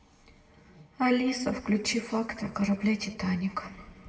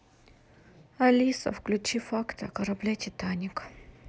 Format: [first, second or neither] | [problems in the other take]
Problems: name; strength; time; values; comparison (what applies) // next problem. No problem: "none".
second | room echo; dies away in 2 s